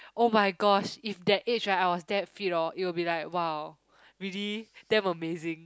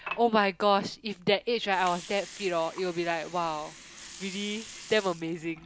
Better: first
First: none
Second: background sound (Water); 16 dB below the speech

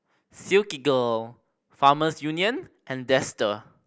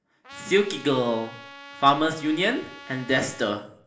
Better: first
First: none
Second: background sound (Trumpet); 18 dB below the speech // room echo; dies away in 0.5 s

